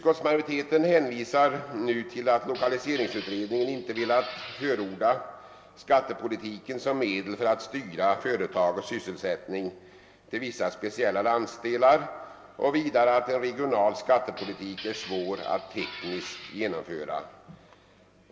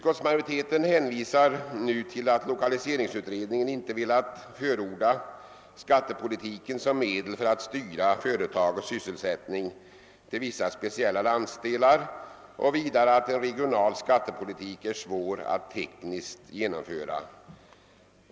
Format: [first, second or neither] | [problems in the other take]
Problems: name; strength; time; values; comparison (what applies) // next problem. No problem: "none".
second | background sound (Glass); 15 dB below the speech // room echo; dies away in 0.6 s